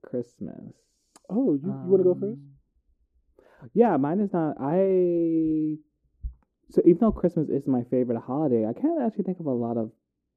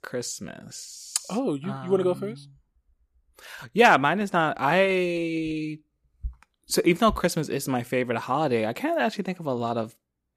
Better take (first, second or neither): second